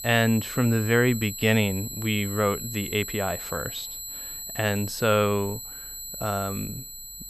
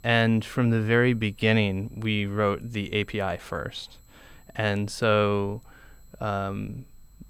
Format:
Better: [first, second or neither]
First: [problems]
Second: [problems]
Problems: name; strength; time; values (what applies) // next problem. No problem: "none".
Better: second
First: high-pitched whine; loud; throughout; 7.5 kHz, 9 dB below the speech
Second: high-pitched whine; faint; throughout; 7.5 kHz, 35 dB below the speech